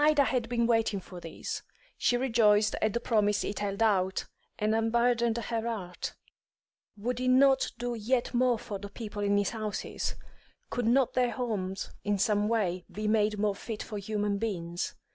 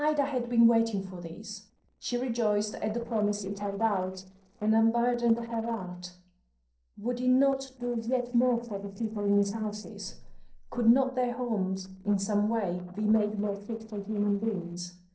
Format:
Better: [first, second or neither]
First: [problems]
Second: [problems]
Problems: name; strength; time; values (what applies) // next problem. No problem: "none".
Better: first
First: none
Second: noise reduction (neural separator model SepFormer DNS4)